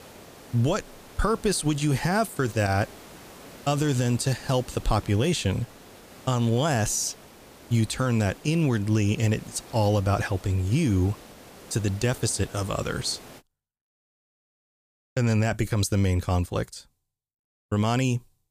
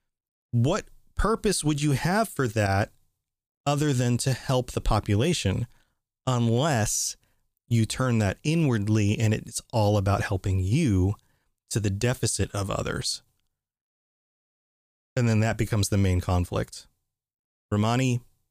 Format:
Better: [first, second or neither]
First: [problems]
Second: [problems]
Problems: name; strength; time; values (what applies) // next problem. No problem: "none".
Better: second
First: hiss; faint; until 13 s; 20 dB below the speech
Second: none